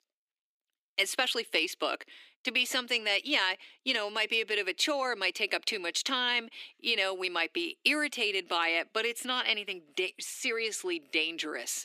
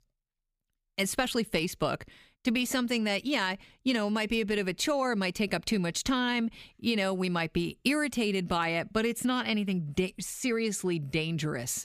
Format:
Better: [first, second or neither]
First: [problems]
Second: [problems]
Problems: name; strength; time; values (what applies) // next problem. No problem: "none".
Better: second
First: thin; somewhat; fading below 300 Hz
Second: none